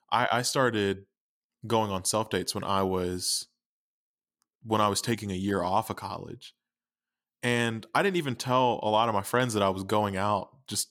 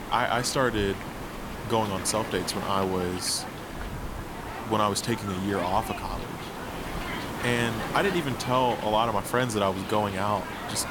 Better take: first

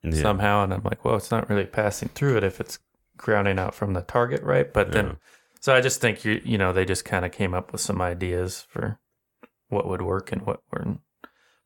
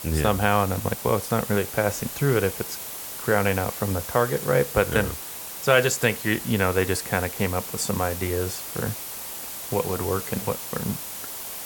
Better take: first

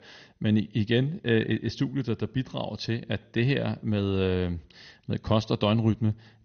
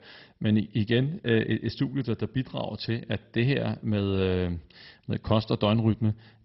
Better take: first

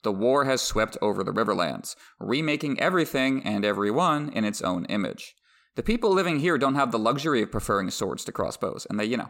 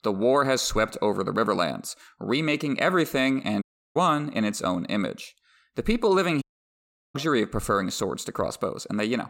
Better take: first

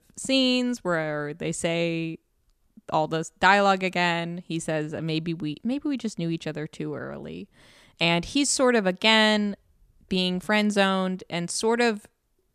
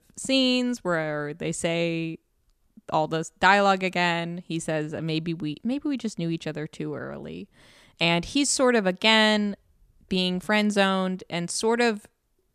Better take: neither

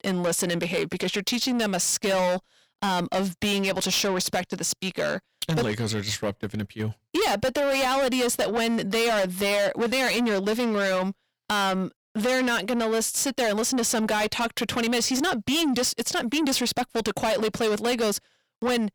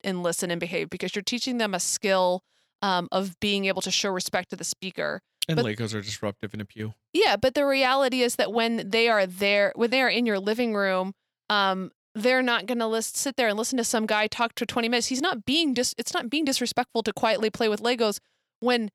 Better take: second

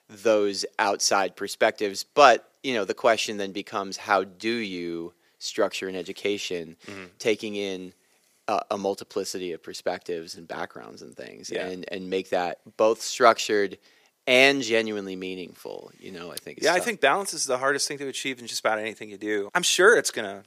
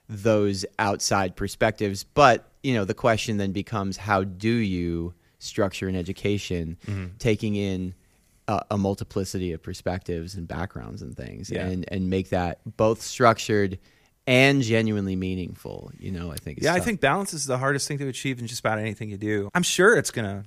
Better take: second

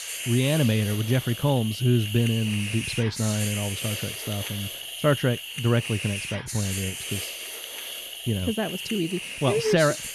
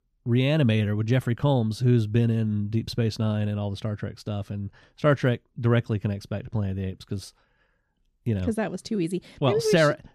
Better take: second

